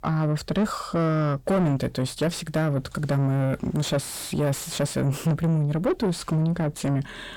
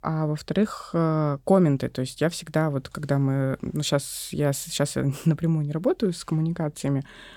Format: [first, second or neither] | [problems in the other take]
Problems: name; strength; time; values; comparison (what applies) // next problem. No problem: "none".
second | distortion; heavy; 7 dB below the speech